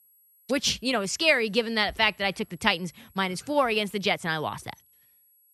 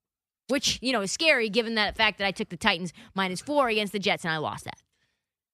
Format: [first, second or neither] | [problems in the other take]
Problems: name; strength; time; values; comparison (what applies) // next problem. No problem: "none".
second | high-pitched whine; faint; throughout; 11.5 kHz, 35 dB below the speech